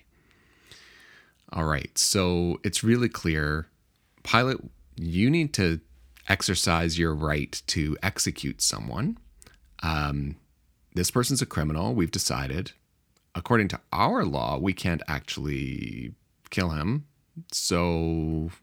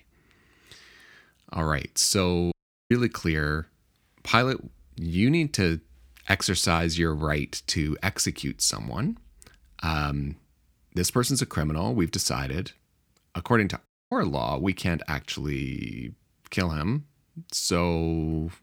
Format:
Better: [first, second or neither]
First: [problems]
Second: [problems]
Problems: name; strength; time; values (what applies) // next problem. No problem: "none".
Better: first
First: none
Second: audio cutting out; at 2.5 s and at 14 s